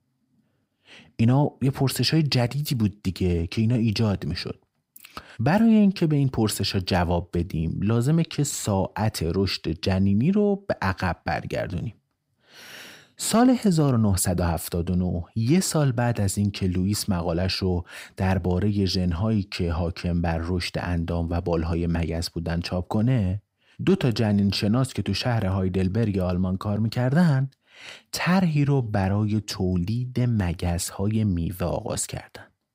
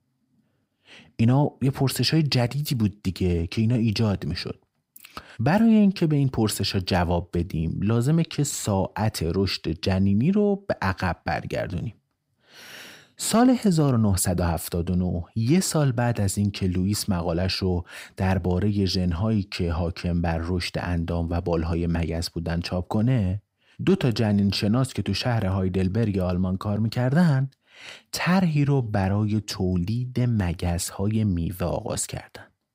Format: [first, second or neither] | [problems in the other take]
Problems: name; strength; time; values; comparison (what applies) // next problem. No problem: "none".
neither | none